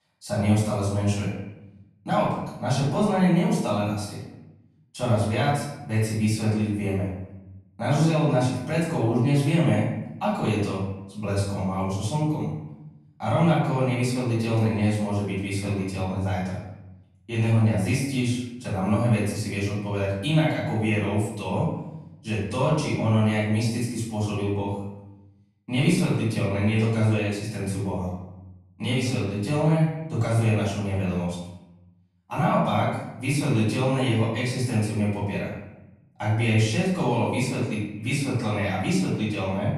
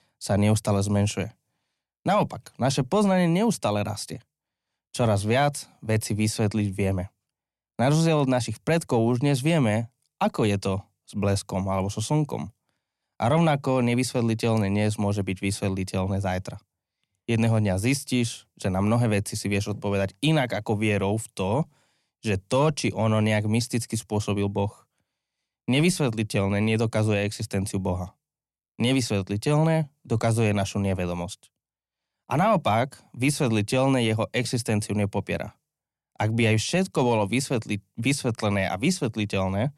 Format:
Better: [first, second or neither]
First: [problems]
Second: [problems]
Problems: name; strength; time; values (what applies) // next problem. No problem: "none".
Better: second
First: off-mic speech; far // room echo; noticeable; dies away in 0.8 s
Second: none